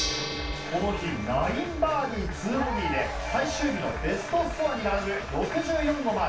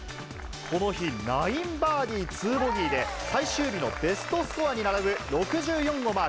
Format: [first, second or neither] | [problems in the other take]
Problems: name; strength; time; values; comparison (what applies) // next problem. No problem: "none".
second | background sound (Gong); 12 dB below the speech // room echo; dies away in 0.3 s